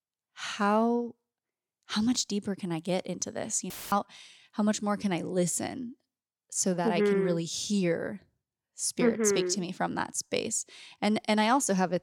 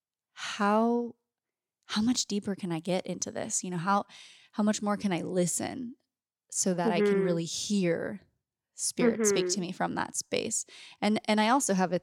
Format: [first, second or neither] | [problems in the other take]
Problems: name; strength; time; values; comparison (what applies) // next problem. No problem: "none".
second | audio cutting out; filled with static; at 3.5 s